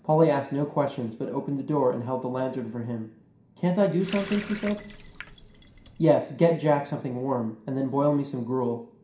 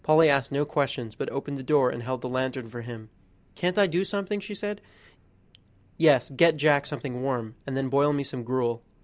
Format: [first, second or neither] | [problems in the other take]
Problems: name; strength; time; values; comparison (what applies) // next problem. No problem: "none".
second | background sound (Water tap, faucet); 16 dB below the speech // room echo; dies away in 0.5 s